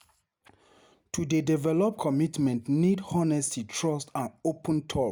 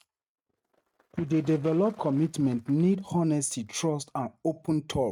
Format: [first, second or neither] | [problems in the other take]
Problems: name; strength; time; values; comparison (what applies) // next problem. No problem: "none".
first | noise reduction (neural mask model RNNoise)